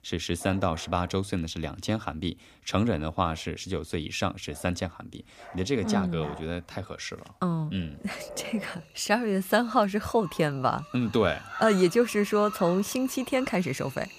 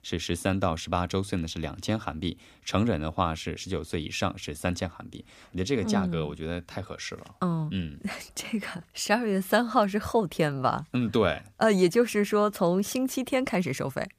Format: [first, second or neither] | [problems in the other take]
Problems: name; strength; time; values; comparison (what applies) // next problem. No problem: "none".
second | animal sounds; noticeable; throughout; 15 dB below the speech